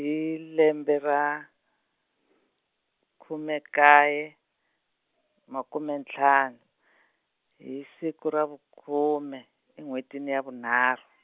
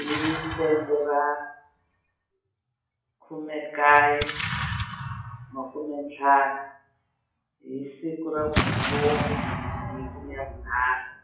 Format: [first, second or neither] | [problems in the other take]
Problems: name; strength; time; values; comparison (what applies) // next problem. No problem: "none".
first | noise reduction (classical method WPE with log-MMSE)